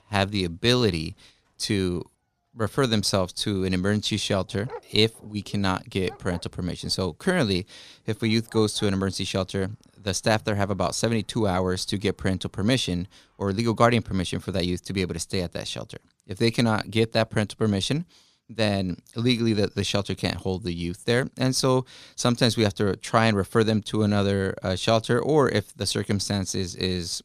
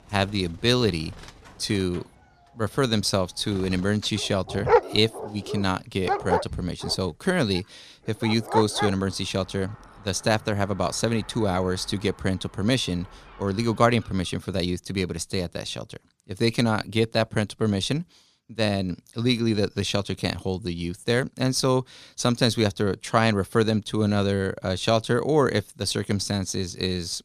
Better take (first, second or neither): first